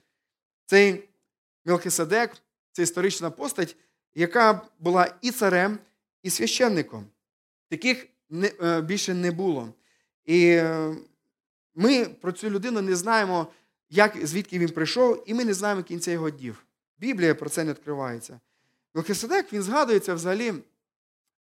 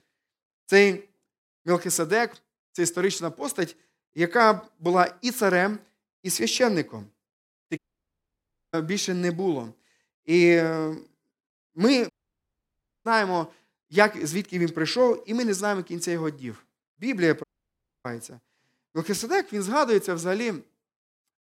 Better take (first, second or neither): first